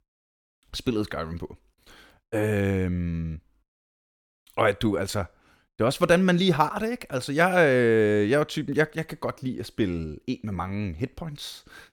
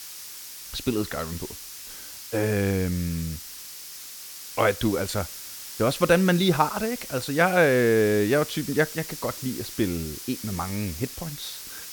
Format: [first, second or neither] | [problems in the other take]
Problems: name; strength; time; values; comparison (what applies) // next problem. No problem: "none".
first | hiss; noticeable; throughout; 10 dB below the speech